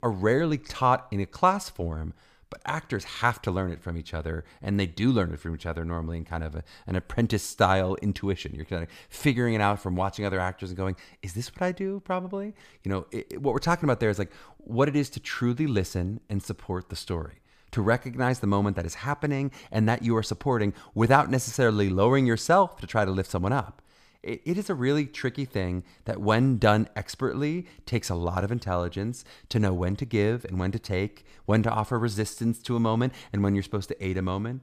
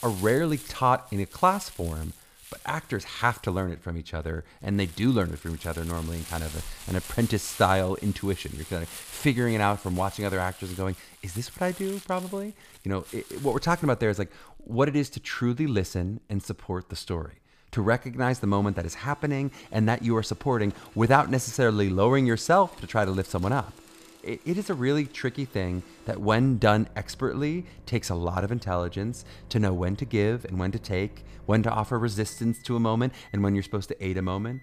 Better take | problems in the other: first | household noises; noticeable; throughout; 20 dB below the speech

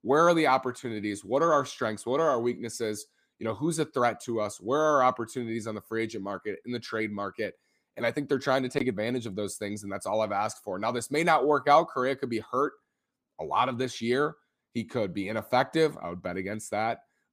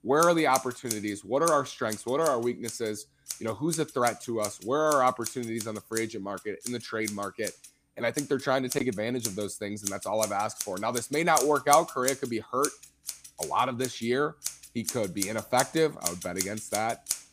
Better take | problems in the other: first | household noises; loud; throughout; 7 dB below the speech

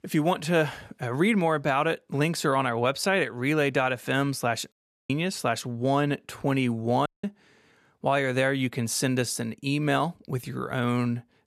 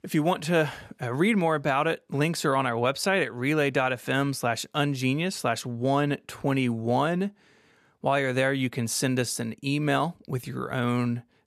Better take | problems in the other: second | audio cutting out; at 4.5 s and at 7 s

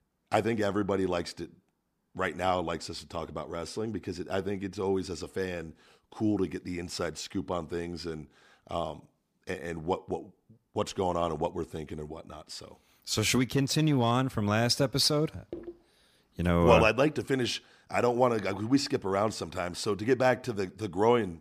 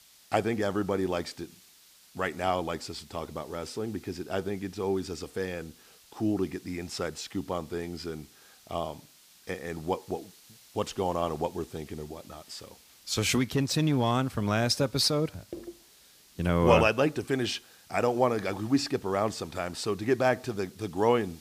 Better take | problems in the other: first | hiss; faint; throughout; 25 dB below the speech

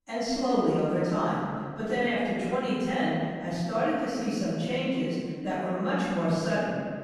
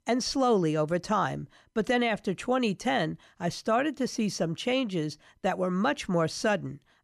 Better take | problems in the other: second | off-mic speech; far // room echo; strong; dies away in 2 s

